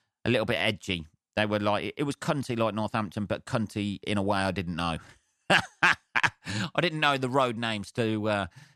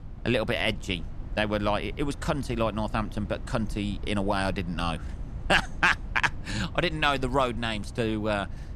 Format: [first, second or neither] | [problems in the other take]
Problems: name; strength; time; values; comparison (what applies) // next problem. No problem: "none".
first | low rumble; faint; throughout; 25 dB below the speech